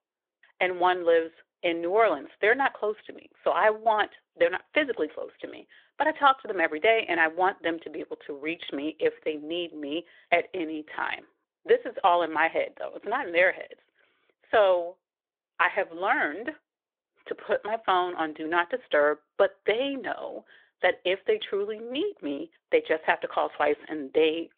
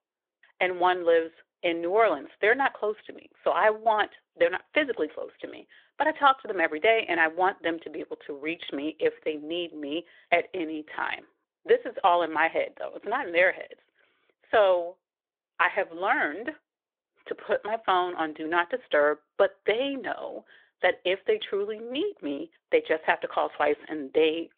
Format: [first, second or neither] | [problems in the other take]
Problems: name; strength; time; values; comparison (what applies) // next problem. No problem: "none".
neither | phone-call audio; the same in both